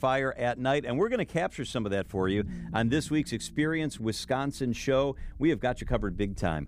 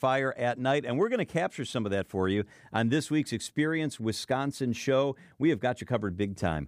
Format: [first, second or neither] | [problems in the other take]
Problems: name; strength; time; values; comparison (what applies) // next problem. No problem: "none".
second | low rumble; faint; throughout; 25 dB below the speech